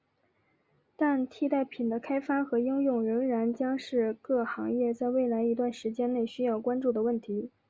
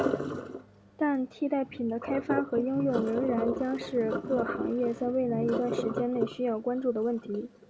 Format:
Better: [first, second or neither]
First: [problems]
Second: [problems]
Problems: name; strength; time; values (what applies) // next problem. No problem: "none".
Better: first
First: none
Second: background sound (Sink (filling or washing)); 5 dB below the speech